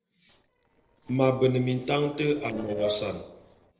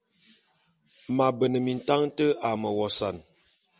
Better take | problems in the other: second | noise reduction (neural separator model SepFormer DNS4)

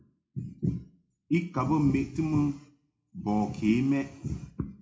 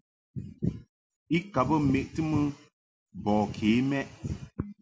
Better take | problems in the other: second | room echo; dies away in 0.4 s

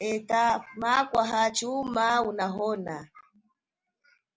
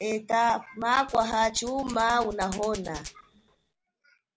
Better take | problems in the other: first | background sound (Hands); 17 dB below the speech

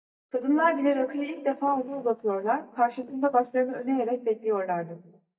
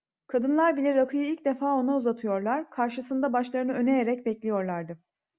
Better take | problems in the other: second | noise reduction (neural mask model DeepFilterNet 3)

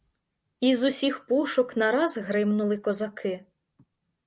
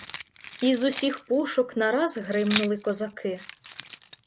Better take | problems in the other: first | background sound (Keys jangling); 12 dB below the speech

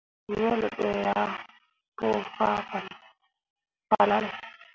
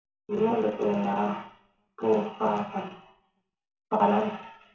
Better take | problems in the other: first | room echo; dies away in 0.6 s

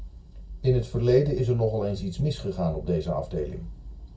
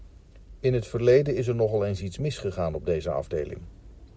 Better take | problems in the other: second | room echo; dies away in 0.2 s

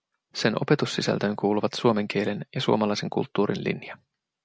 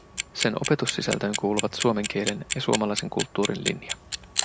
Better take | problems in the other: first | background sound (Clock); 5 dB below the speech

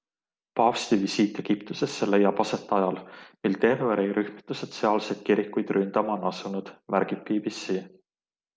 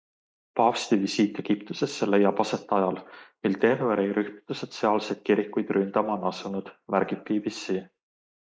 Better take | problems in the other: first | noise reduction (neural mask model Resemble Enhance denoiser)

